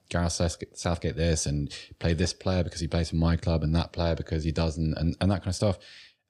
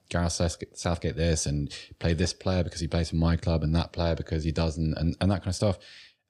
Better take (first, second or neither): neither